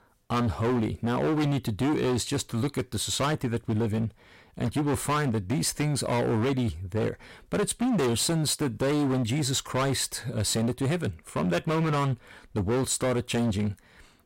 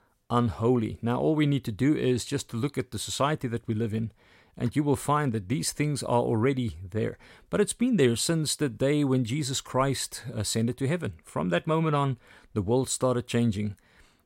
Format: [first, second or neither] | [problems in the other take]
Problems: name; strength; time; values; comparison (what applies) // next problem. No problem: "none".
second | distortion; heavy; 21% of the sound clipped